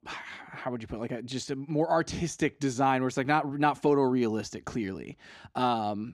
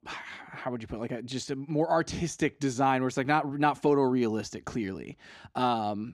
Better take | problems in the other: neither | none

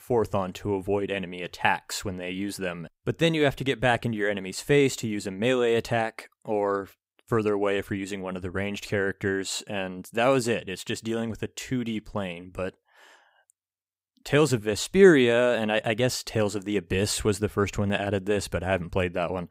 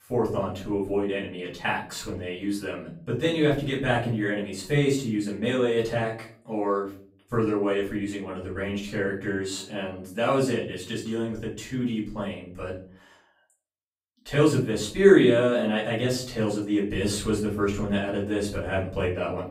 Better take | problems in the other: first | off-mic speech; far // room echo; slight; dies away in 0.4 s

